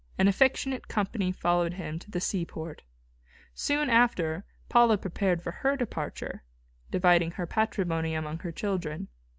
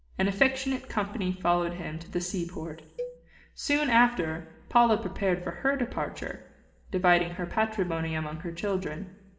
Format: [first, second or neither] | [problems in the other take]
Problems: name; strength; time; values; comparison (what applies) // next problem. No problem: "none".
first | background sound (Cowbell); 15 dB below the speech // room echo; dies away in 1 s